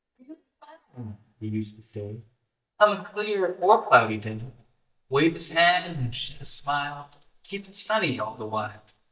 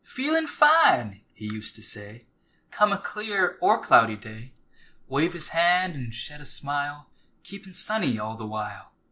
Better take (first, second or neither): second